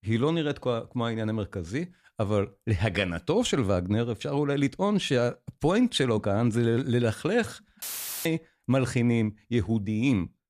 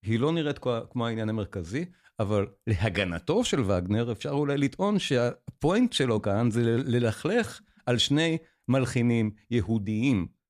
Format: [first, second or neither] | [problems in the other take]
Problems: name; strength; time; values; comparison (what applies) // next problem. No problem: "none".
second | audio cutting out; filled with static; at 8 s